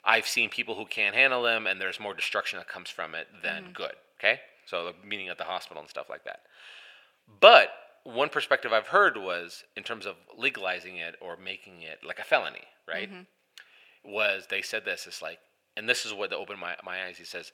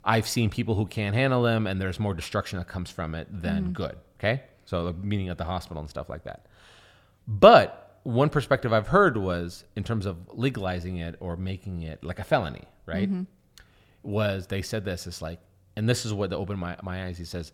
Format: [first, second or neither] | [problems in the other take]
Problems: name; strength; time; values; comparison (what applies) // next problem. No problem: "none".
second | thin; very; fading below 550 Hz